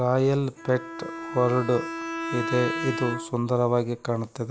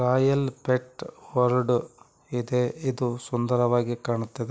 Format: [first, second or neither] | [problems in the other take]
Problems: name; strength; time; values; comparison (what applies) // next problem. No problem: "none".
second | background sound (Bowed string instrument); 8 dB below the speech